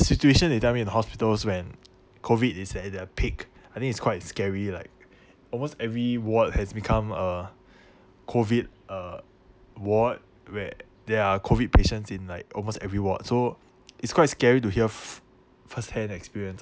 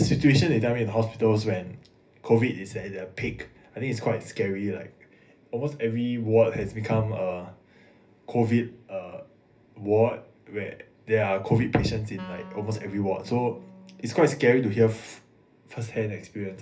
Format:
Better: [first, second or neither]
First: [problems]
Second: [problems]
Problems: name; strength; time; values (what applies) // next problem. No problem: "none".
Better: first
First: none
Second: background sound (Wind instrument, woodwind instrument); 19 dB below the speech // room echo; dies away in 0.3 s